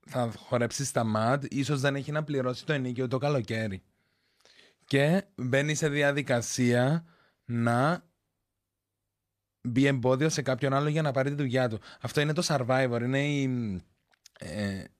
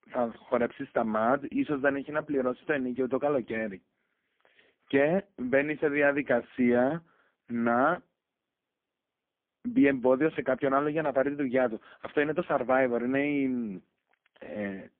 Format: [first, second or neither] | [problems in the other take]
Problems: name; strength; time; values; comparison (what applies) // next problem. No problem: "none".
first | phone-call audio; poor line